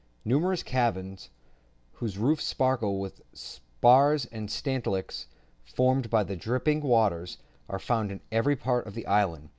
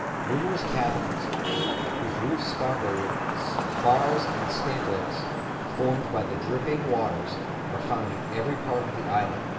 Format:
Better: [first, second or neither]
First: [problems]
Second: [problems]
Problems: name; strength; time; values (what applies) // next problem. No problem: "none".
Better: first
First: none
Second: background sound (Traffic noise, roadway noise / Vehicle horn, car horn, honking); as loud as the speech // room echo; dies away in 0.7 s